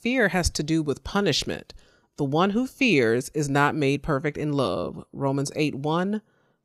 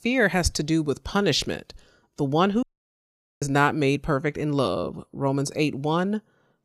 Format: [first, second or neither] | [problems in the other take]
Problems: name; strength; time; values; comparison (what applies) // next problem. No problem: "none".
first | audio cutting out; at 2.5 s for 1 s